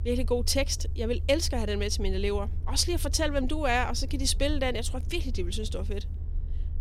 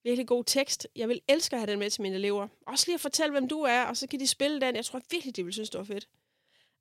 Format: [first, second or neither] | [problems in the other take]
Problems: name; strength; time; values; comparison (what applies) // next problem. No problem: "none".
second | low rumble; faint; throughout; 20 dB below the speech